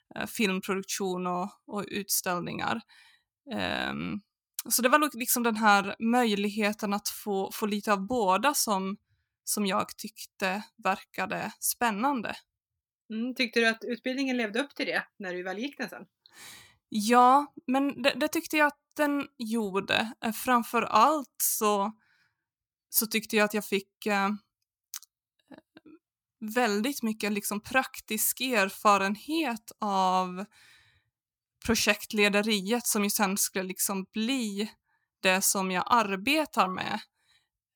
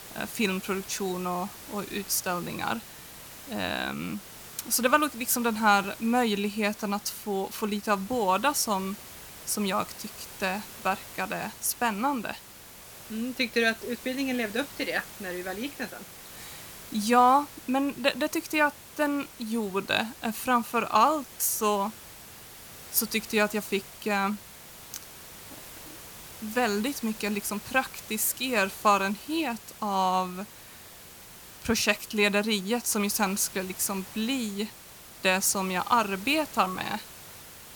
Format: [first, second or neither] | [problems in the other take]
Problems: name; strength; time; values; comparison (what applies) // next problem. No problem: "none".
first | hiss; noticeable; throughout; 15 dB below the speech